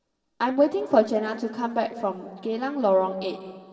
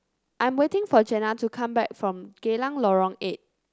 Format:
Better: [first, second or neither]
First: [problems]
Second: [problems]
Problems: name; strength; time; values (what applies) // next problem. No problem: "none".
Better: second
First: room echo; dies away in 2.2 s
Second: none